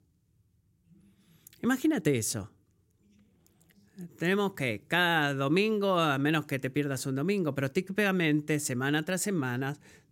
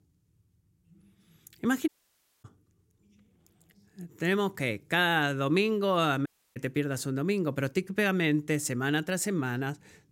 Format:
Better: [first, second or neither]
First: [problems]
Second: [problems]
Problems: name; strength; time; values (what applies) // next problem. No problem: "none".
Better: first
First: none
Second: audio cutting out; at 2 s for 0.5 s and at 6.5 s